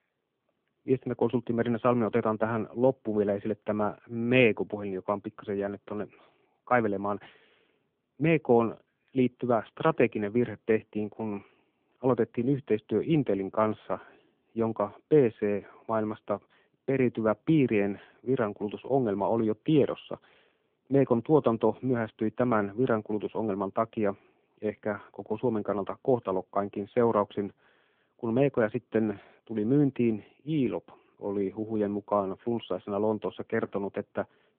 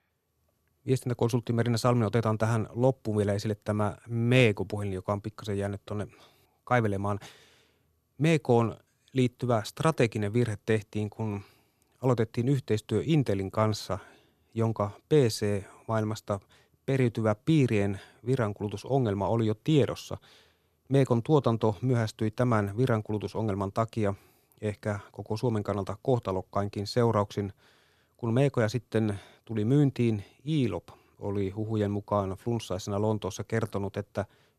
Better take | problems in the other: second | phone-call audio

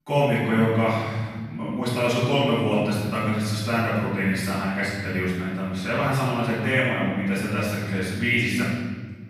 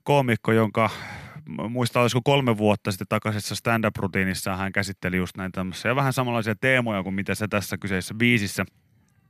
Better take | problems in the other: second | off-mic speech; far // room echo; strong; dies away in 1.4 s

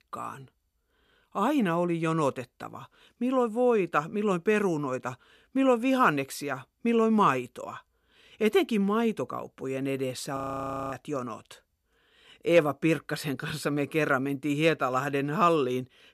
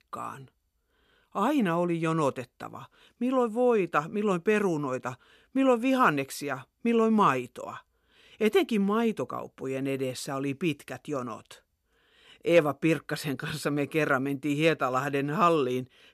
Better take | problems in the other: second | audio freezing; at 10 s for 0.5 s

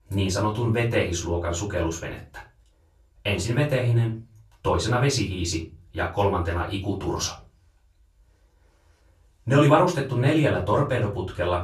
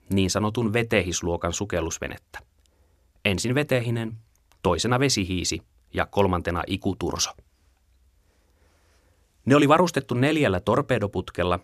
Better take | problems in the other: second | off-mic speech; far // room echo; slight; dies away in 0.3 s

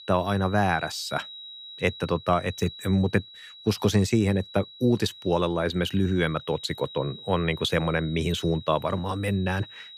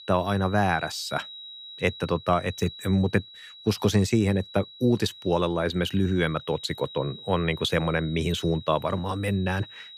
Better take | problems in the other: neither | high-pitched whine; noticeable; throughout; 4 kHz, 15 dB below the speech; the same in both

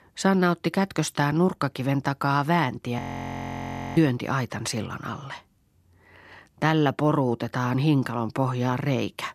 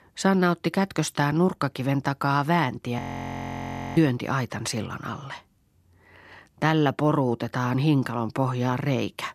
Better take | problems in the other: neither | audio freezing; at 3 s for 1 s; the same in both

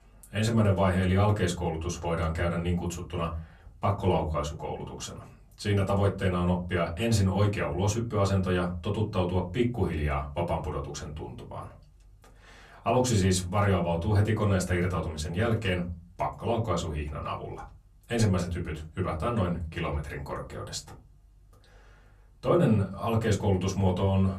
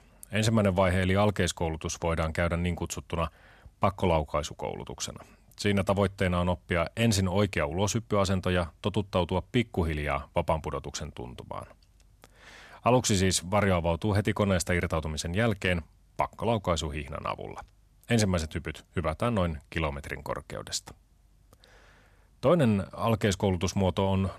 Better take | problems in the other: second | off-mic speech; far // room echo; very slight; dies away in 0.4 s

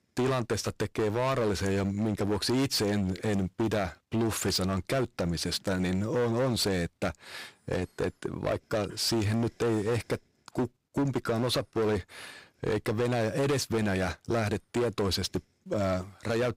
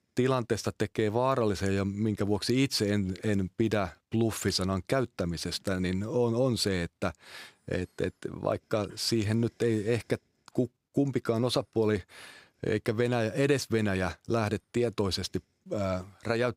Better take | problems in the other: second | distortion; heavy; 14% of the sound clipped

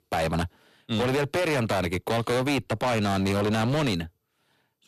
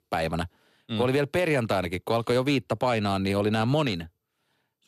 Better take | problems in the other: second | distortion; heavy; 23% of the sound clipped

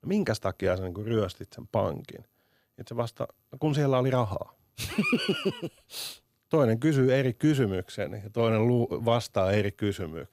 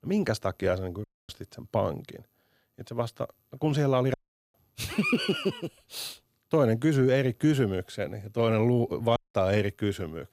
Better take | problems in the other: first | audio cutting out; at 1 s, at 4 s and at 9 s

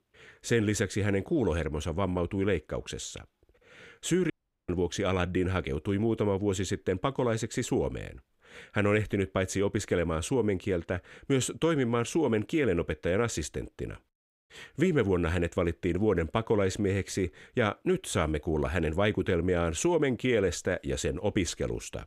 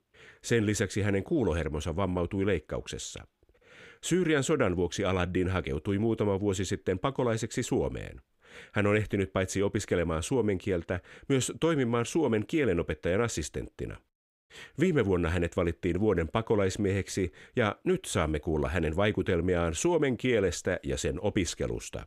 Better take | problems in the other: second | audio cutting out; at 4.5 s

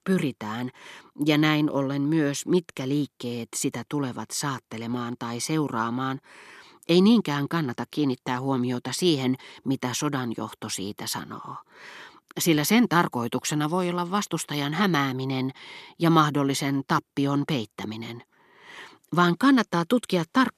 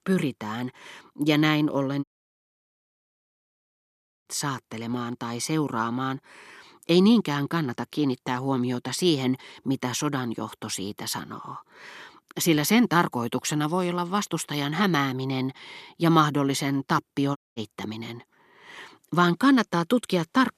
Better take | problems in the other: first | audio cutting out; at 2 s for 2 s and at 17 s

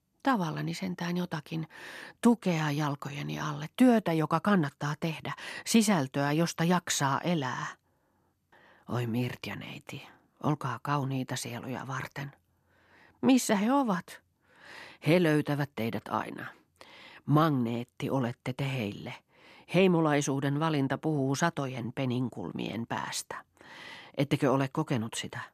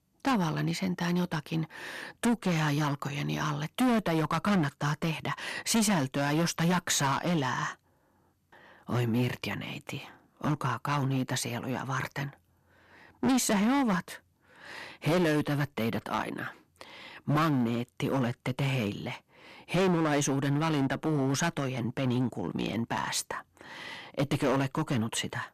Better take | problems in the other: first | distortion; heavy; 9% of the sound clipped

